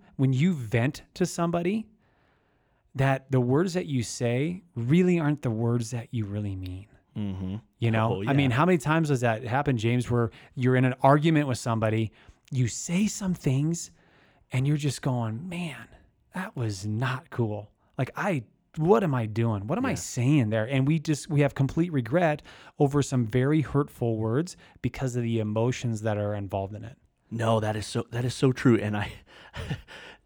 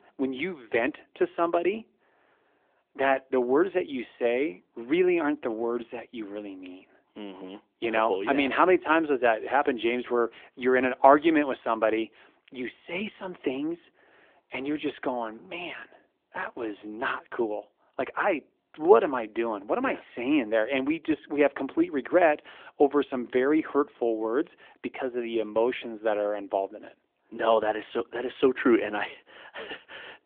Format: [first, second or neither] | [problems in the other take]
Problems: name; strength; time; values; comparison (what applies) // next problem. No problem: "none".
first | phone-call audio